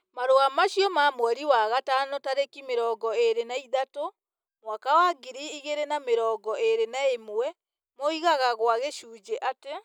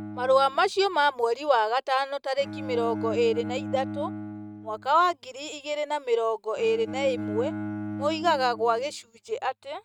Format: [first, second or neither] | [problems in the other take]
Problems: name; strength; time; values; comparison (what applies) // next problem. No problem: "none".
first | noise reduction (neural mask model RNNoise)